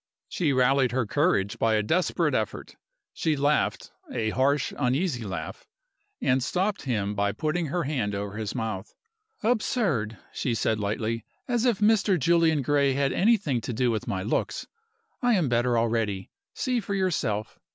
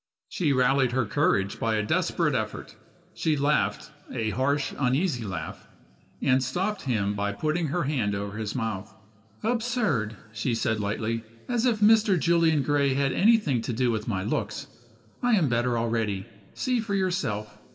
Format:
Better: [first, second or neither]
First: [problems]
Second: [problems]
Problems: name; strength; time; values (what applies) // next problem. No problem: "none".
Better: first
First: none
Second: room echo; dies away in 1.8 s